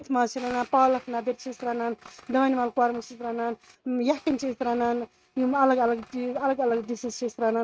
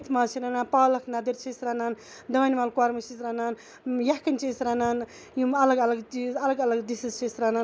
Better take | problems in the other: second | noise reduction (neural mask model RNNoise)

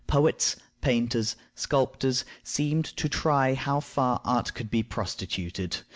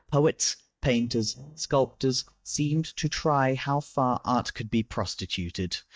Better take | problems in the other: first | noise reduction (neural mask model DeepFilterNet 3)

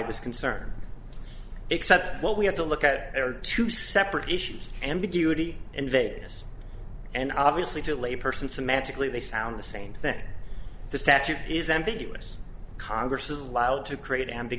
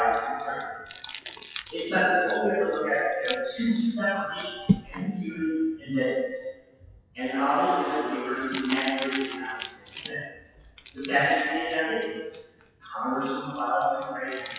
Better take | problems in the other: first | noise reduction (classical method WPE with log-MMSE)

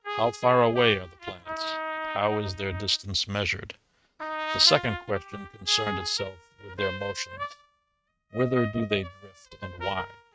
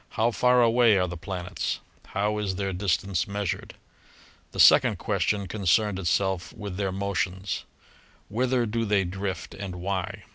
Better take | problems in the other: second | noise reduction (neural mask model RNNoise)

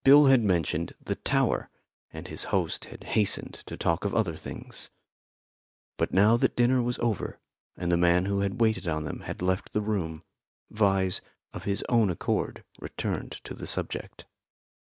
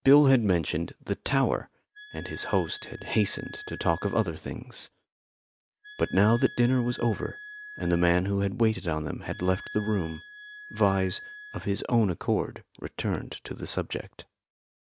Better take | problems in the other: first | background sound (Wind instrument, woodwind instrument); 17 dB below the speech

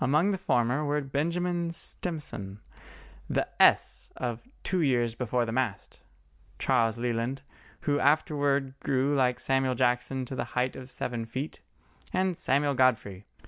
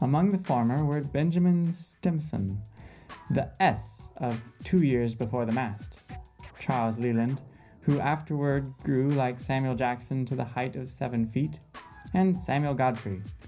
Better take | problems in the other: first | background sound (Scratching (performance technique)); 20 dB below the speech // room echo; dies away in 0.5 s

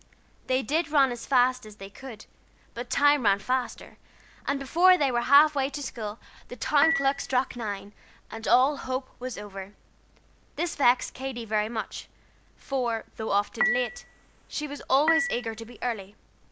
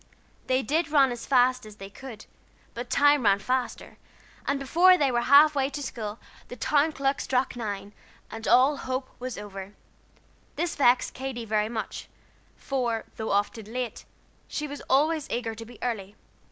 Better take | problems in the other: second | background sound (Dishes, pots, and pans / Chink, clink); 3 dB below the speech

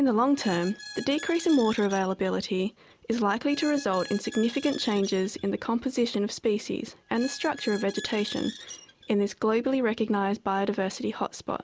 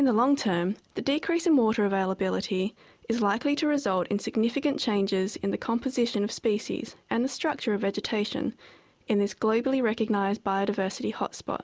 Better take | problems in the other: second | background sound (Squeak); 17 dB below the speech

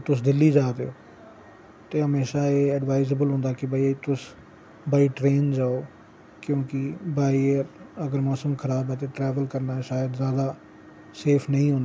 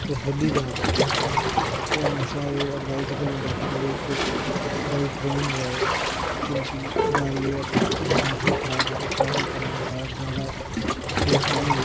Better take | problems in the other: first | background sound (Bowed string instrument + Waves, surf); 5 dB above the speech

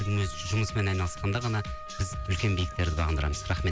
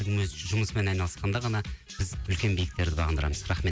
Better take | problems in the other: second | background sound (Livestock, farm animals, working animals + Wind instrument, woodwind instrument); 13 dB below the speech

